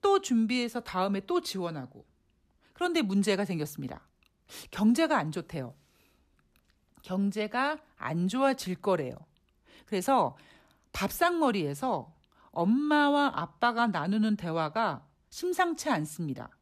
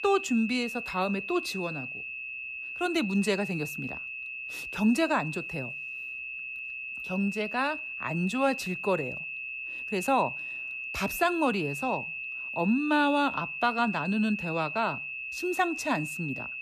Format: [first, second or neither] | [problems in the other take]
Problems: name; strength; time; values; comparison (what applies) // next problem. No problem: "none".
first | high-pitched whine; loud; throughout; 2.5 kHz, 5 dB below the speech